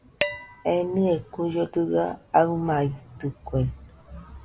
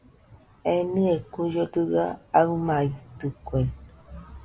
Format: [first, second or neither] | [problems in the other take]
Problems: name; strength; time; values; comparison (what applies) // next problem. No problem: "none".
second | background sound (Dishes, pots, and pans); 11 dB below the speech